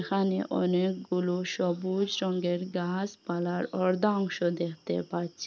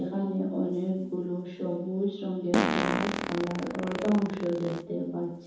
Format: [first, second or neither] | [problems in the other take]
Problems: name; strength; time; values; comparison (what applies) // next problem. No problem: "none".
first | background sound (Fart); 4 dB below the speech // room echo; dies away in 0.9 s